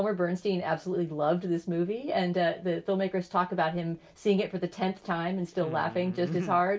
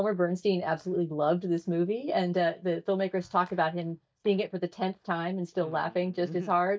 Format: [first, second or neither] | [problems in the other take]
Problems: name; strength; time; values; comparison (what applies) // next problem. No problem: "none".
first | noise reduction (neural mask model DeepFilterNet 3)